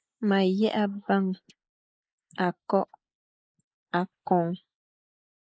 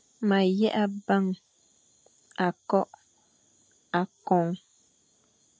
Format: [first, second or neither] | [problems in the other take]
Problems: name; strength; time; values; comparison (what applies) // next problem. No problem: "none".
second | noise reduction (neural mask model Resemble Enhance denoiser)